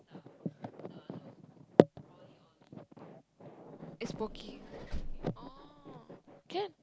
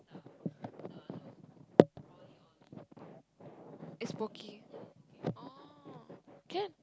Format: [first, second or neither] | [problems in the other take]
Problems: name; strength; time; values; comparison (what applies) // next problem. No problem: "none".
second | background sound (Vehicle); 8 dB below the speech